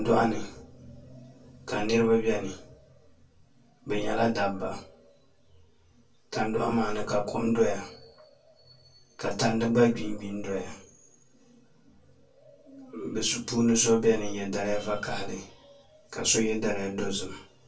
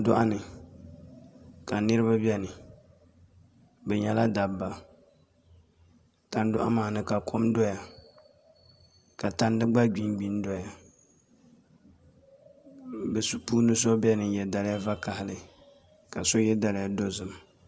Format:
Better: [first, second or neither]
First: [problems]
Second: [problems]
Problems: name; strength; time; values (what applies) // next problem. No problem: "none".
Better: second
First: room echo; dies away in 0.2 s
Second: none